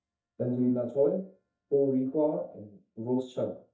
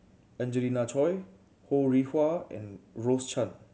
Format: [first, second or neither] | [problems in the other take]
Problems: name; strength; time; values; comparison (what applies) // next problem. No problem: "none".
second | noise reduction (neural mask model DeepFilterNet 3)